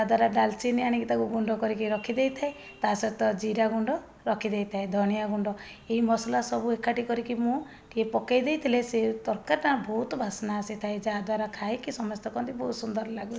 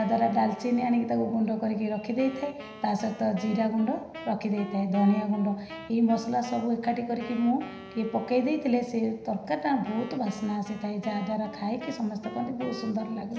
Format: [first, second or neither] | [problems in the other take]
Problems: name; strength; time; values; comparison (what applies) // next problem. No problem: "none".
first | background sound (Wind instrument, woodwind instrument); 17 dB below the speech // room echo; dies away in 0.9 s